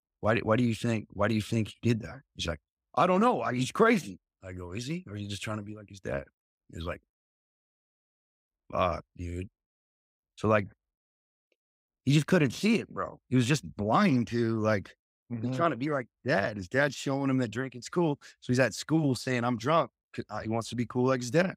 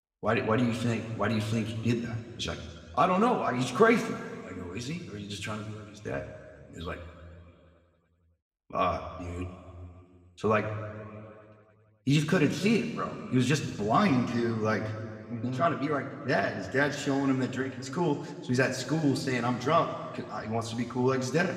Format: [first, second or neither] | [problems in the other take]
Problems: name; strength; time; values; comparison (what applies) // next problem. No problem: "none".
first | room echo; slight; dies away in 2 s